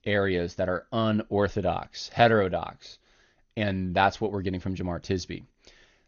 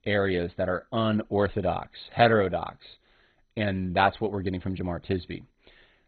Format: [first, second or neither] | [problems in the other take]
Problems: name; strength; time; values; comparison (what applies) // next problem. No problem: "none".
first | garbled, watery; badly; nothing above 4 kHz; slightly in the first